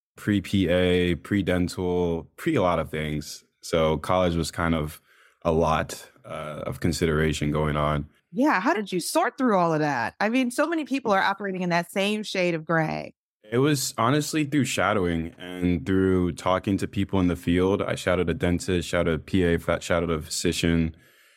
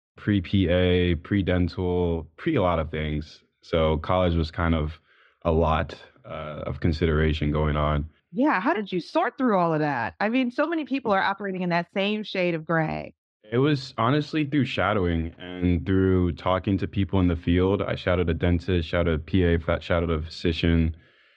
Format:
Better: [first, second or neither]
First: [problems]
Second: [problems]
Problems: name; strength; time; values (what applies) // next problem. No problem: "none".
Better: first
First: none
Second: muffled; slightly; fading above 4 kHz